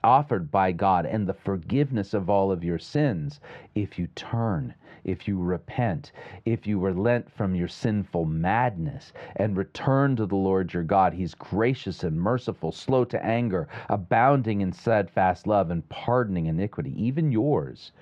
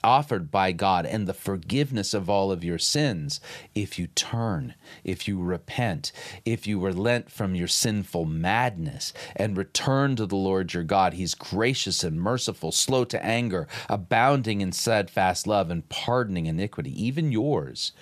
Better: second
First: muffled; very; fading above 1.5 kHz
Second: none

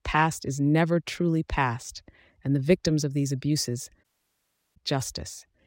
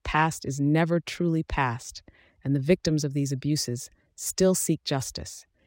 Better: second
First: audio cutting out; at 4 s for 0.5 s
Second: none

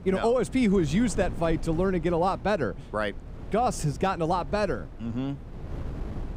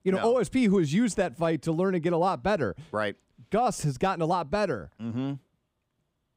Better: second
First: wind noise on the microphone; occasional gusts; 20 dB below the speech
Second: none

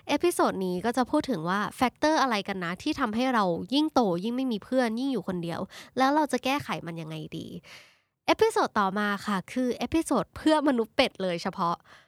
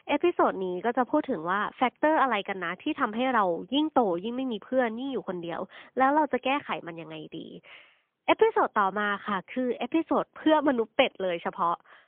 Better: first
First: none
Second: phone-call audio; poor line; nothing above 3.5 kHz

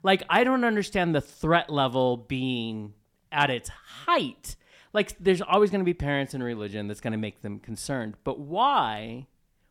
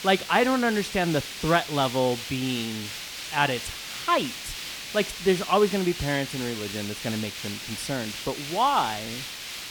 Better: first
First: none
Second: hiss; loud; throughout; 8 dB below the speech

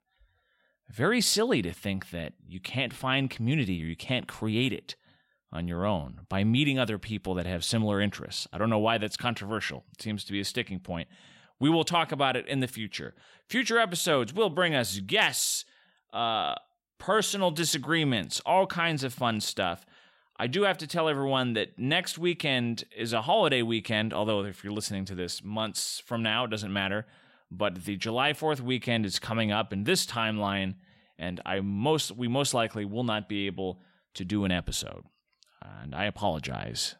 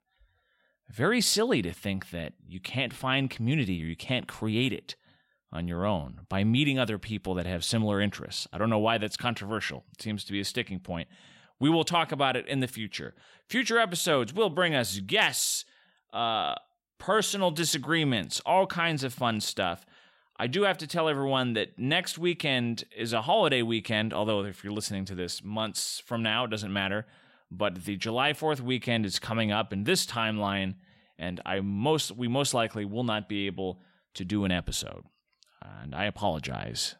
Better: neither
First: none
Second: none

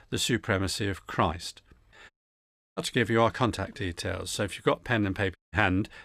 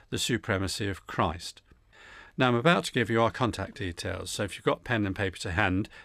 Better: second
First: audio cutting out; at 2 s for 0.5 s and at 5.5 s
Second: none

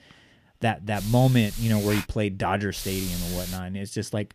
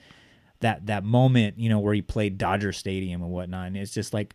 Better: second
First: hiss; very faint; from 1 to 2 s and at 3 s; 9 dB below the speech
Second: none

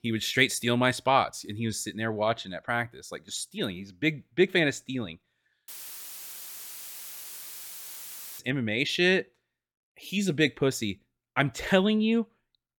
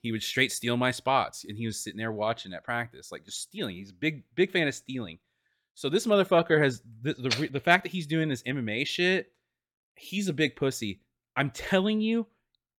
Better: second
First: audio cutting out; filled with static; at 5.5 s for 2.5 s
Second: none

